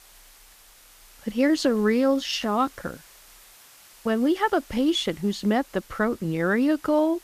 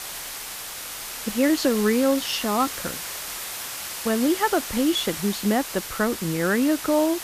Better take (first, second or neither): first